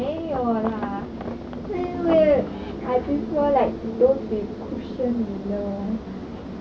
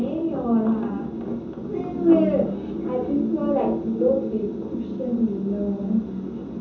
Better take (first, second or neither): first